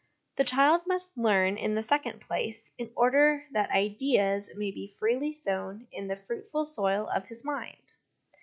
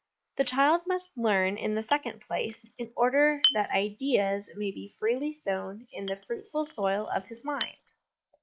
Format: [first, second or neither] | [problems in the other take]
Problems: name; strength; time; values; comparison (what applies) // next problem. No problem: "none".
first | noise reduction (neural mask model Resemble Enhance denoiser)